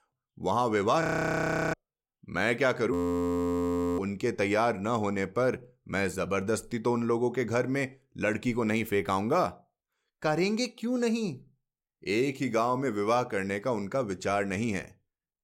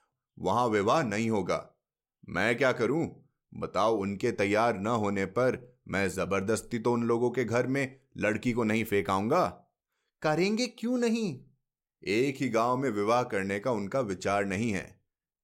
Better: second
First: audio freezing; at 1 s for 0.5 s and at 3 s for 1 s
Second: none

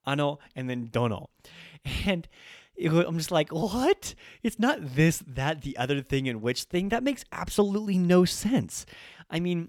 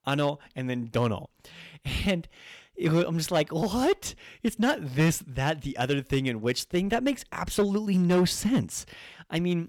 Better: first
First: none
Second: distortion; slight; 3% of the sound clipped

